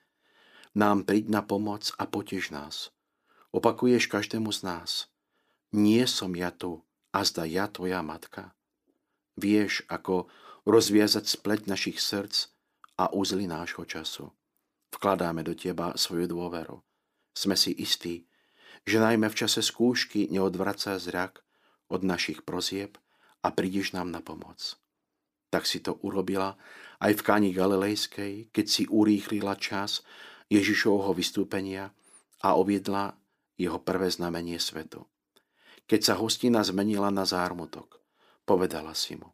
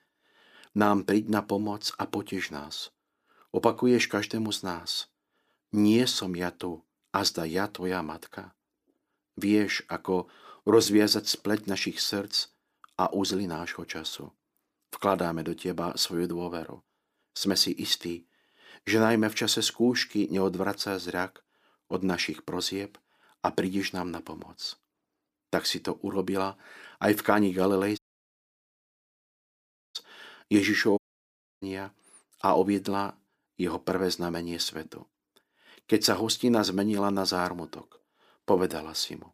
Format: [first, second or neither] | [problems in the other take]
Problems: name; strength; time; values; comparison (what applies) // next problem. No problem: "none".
first | audio cutting out; at 28 s for 2 s and at 31 s for 0.5 s